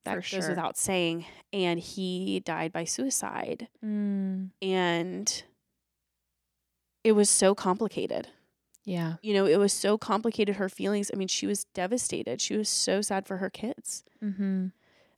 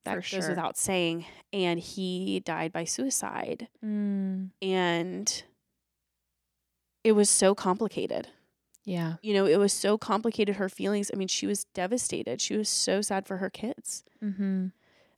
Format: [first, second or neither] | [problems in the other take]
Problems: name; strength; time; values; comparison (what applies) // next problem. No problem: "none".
neither | none